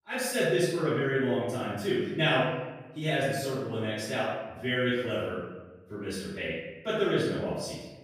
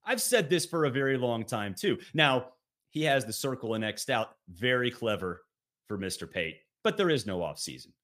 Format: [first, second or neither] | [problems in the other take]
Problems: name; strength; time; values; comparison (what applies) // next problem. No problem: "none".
second | room echo; strong; dies away in 1.1 s // off-mic speech; far